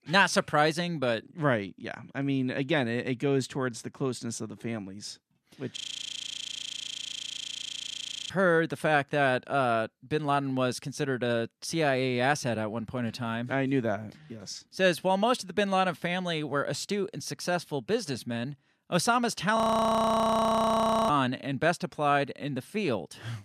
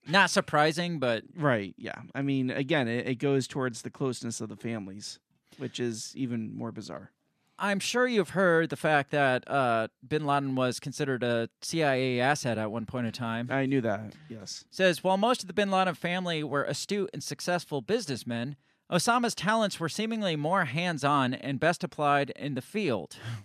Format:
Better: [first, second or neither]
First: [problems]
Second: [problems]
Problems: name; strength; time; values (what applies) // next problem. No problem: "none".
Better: second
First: audio freezing; at 6 s for 2.5 s and at 20 s for 1.5 s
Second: none